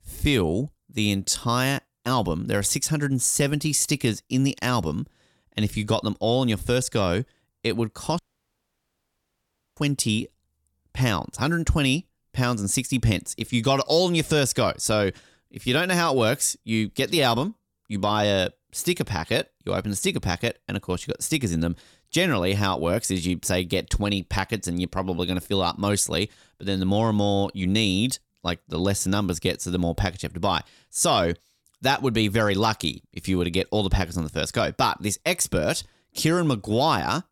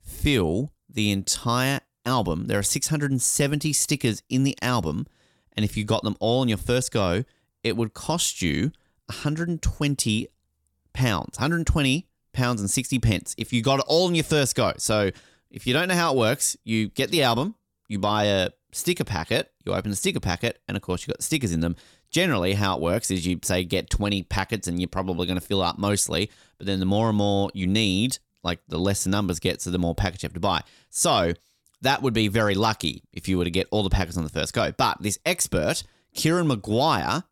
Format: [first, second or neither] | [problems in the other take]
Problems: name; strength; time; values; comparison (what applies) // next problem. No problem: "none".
second | audio cutting out; at 8 s for 1.5 s